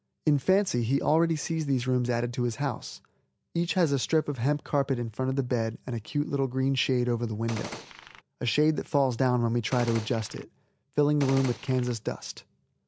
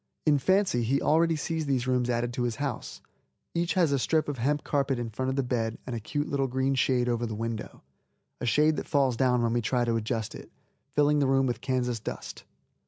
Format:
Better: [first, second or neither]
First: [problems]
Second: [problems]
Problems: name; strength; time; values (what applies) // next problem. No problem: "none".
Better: second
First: background sound (Gunshot, gunfire); 13 dB below the speech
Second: none